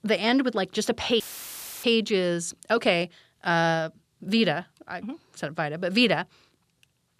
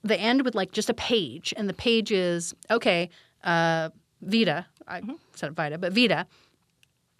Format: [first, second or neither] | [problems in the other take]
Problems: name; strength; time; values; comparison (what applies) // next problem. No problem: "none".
second | audio cutting out; filled with static; at 1 s for 0.5 s